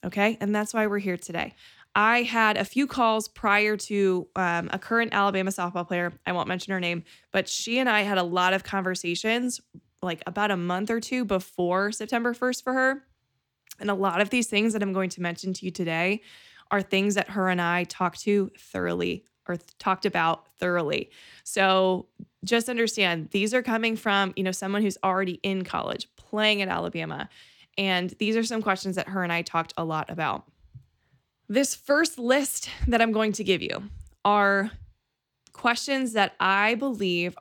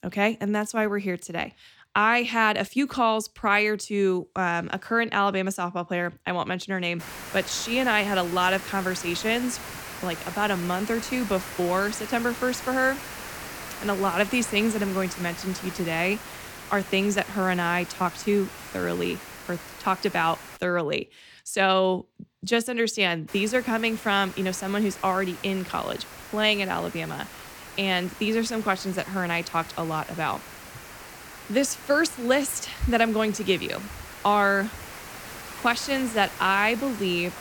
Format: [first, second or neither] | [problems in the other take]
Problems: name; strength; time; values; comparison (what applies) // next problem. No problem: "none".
first | hiss; noticeable; from 7 to 21 s and from 23 s on; 15 dB below the speech